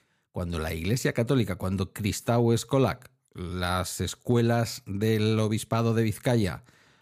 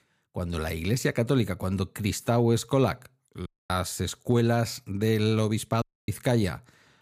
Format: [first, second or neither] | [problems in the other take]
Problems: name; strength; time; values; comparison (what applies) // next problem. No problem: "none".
first | audio cutting out; at 3.5 s and at 6 s